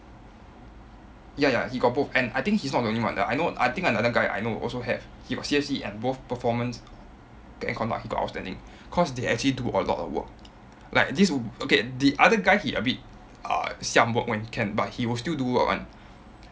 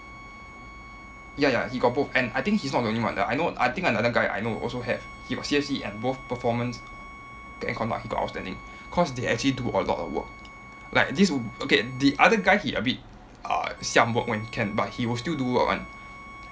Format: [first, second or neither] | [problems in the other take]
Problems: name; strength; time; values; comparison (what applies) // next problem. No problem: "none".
first | background sound (Bowed string instrument); 19 dB below the speech